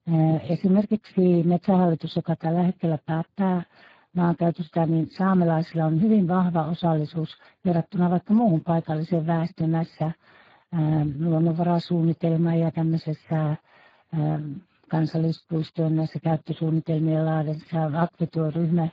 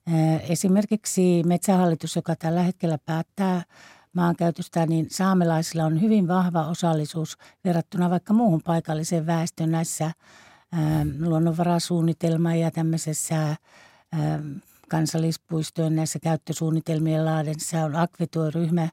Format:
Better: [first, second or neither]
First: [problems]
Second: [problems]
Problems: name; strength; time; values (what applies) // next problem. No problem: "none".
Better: second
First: garbled, watery; badly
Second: none